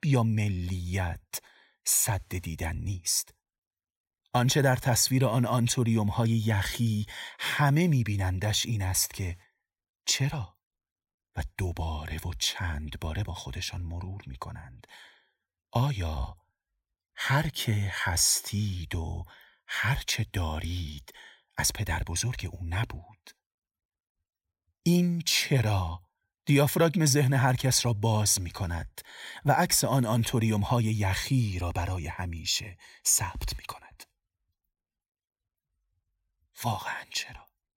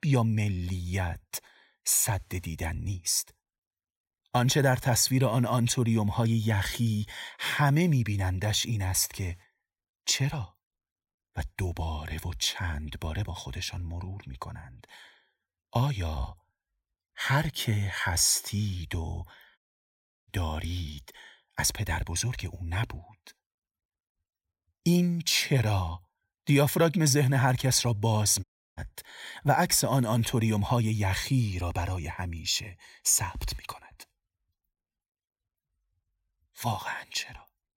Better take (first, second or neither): first